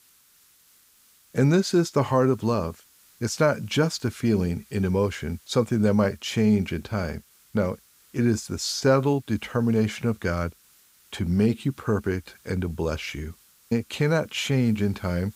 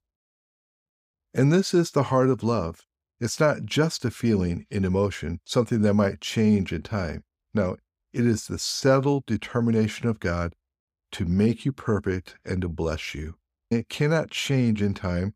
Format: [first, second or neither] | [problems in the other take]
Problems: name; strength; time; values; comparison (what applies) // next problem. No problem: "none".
second | hiss; faint; throughout; 30 dB below the speech